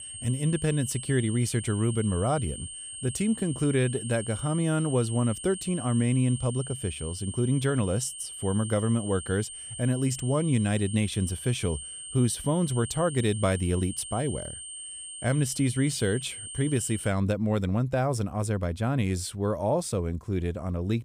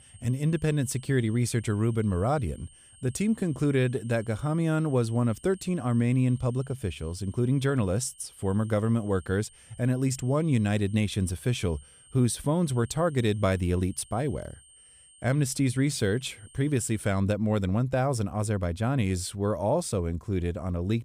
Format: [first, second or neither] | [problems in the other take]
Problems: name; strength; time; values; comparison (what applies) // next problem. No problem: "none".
second | high-pitched whine; loud; until 17 s; 8.5 kHz, 9 dB below the speech; faint in the second